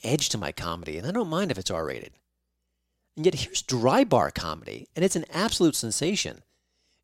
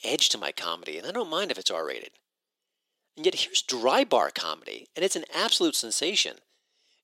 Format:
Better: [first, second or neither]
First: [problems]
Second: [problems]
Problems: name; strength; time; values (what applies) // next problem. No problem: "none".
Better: first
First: none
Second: thin; somewhat; fading below 350 Hz